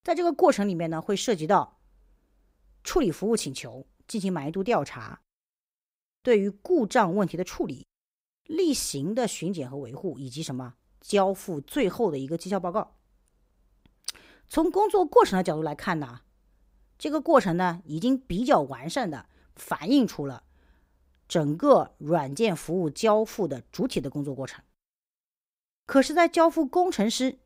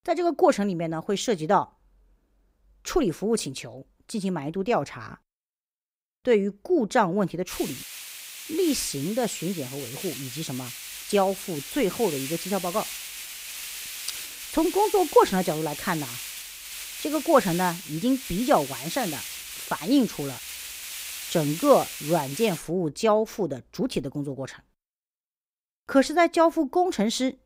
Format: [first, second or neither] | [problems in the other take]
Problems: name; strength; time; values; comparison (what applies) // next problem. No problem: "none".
first | hiss; loud; from 7.5 to 23 s; 9 dB below the speech